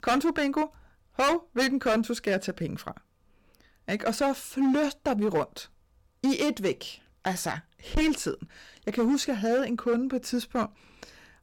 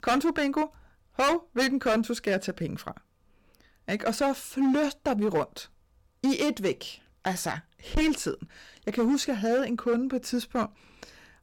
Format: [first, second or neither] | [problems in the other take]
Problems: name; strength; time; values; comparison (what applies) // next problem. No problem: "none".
neither | distortion; heavy; 7% of the sound clipped; the same in both